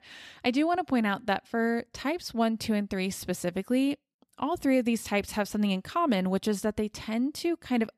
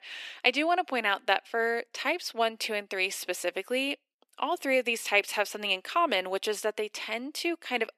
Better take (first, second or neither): first